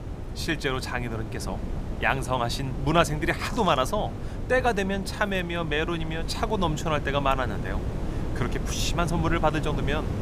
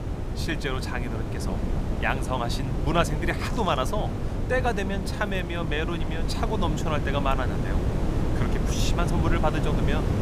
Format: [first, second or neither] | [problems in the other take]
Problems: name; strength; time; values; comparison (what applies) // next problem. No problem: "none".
first | wind noise on the microphone; heavy; 6 dB below the speech; occasional gusts in the first